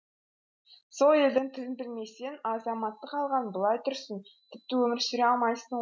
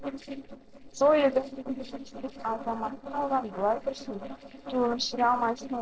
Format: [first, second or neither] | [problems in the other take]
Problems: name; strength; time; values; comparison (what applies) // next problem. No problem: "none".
first | noise reduction (neural separator model SepFormer DNS4)